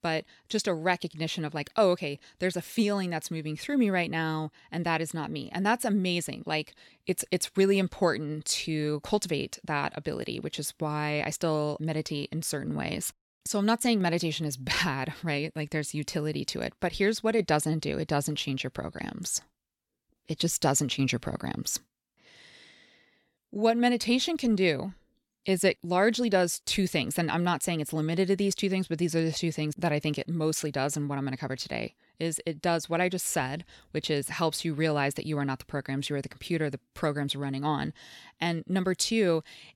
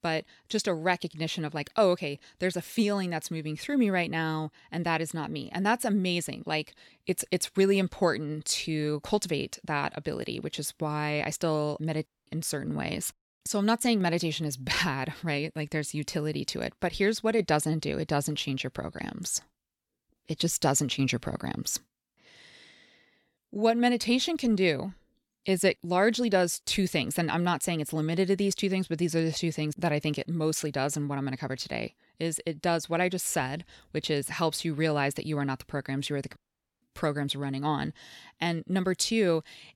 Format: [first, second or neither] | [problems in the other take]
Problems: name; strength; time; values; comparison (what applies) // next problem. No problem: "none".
first | audio cutting out; at 12 s and at 36 s